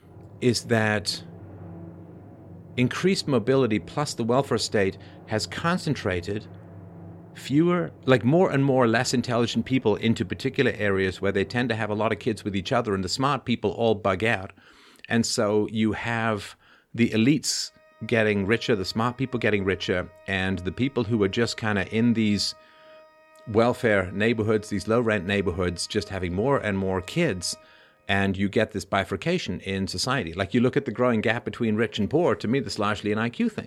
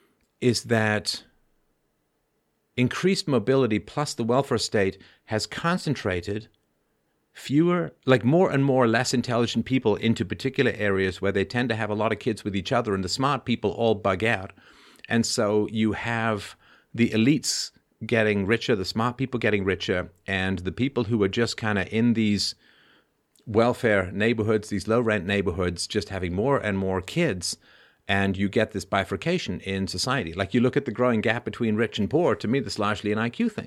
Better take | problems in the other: second | background music; faint; throughout; 25 dB below the speech

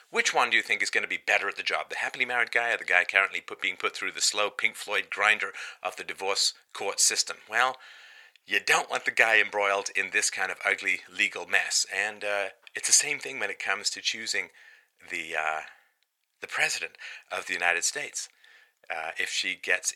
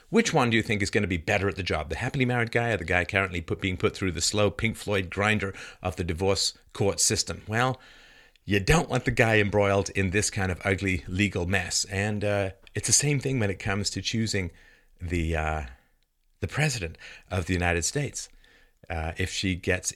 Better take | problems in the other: second | thin; very; fading below 850 Hz

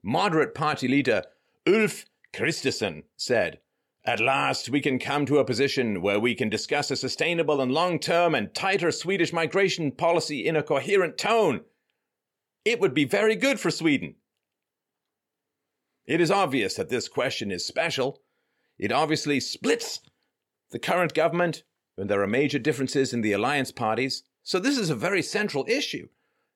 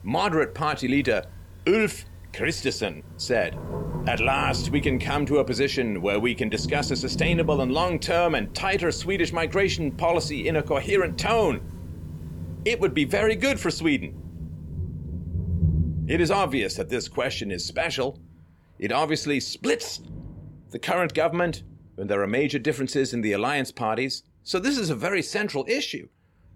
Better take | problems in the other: first | rain or running water; loud; throughout; 9 dB below the speech

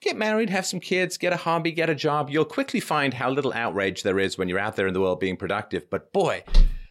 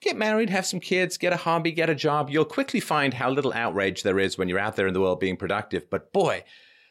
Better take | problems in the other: second | footsteps; noticeable; at 6.5 s; peak level with the speech

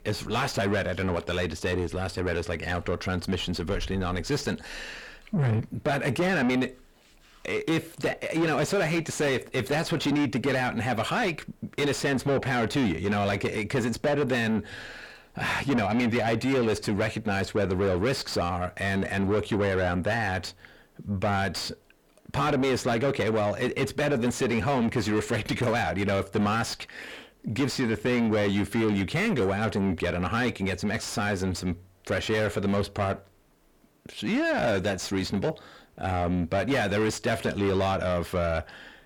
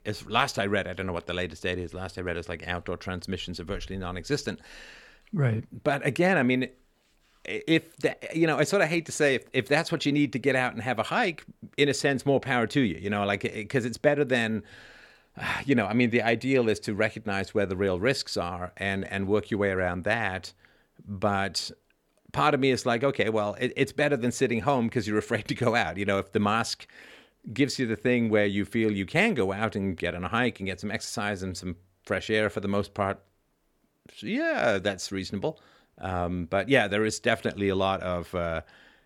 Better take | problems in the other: second | distortion; heavy; 6 dB below the speech

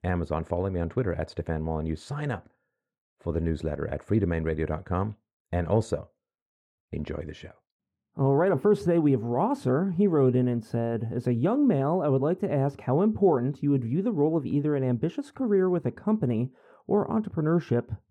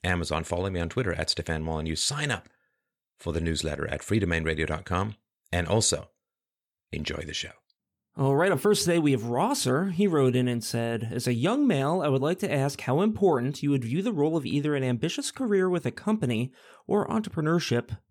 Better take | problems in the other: second | muffled; very; fading above 2 kHz

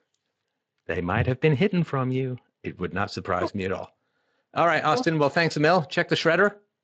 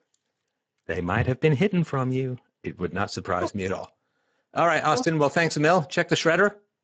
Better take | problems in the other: first | garbled, watery; badly; nothing above 7.5 kHz; slightly in the first

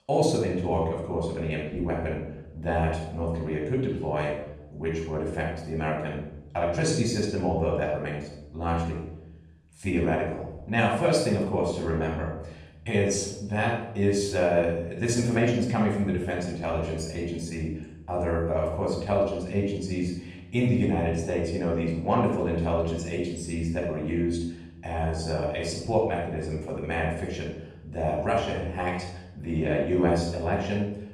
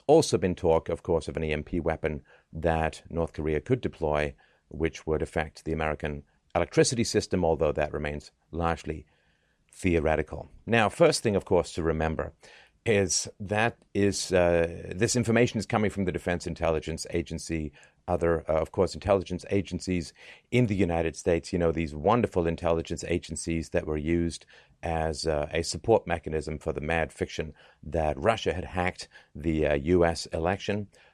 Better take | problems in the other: second | off-mic speech; far // room echo; noticeable; dies away in 0.7 s

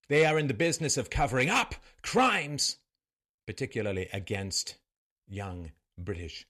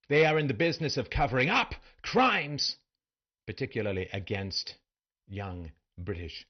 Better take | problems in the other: first | garbled, watery; slightly; nothing above 6 kHz

